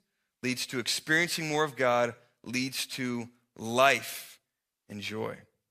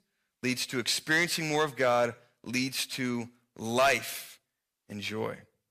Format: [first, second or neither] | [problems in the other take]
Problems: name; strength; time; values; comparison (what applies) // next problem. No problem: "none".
first | distortion; slight; 1.2% of the sound clipped